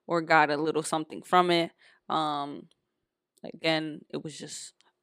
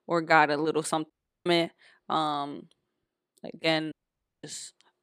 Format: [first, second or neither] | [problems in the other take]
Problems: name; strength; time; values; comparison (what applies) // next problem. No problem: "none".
first | audio cutting out; at 1 s and at 4 s for 0.5 s